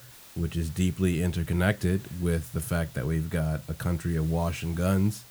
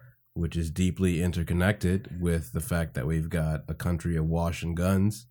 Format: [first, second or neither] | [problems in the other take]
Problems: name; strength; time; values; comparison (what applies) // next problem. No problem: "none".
second | hiss; noticeable; throughout; 20 dB below the speech